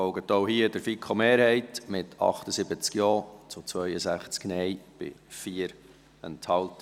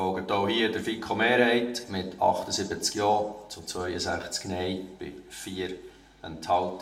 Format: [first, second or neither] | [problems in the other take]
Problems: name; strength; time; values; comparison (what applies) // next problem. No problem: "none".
first | room echo; dies away in 0.5 s